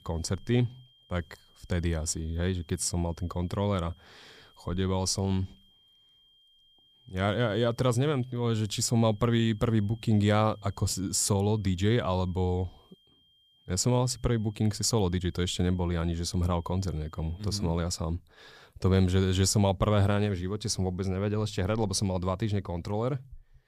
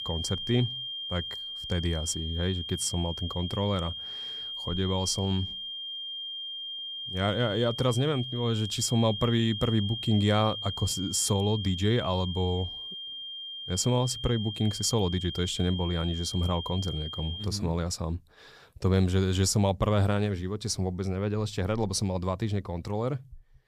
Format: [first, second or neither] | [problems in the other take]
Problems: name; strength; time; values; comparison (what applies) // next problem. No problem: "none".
first | high-pitched whine; loud; until 17 s; 3 kHz, 6 dB below the speech; faint in the first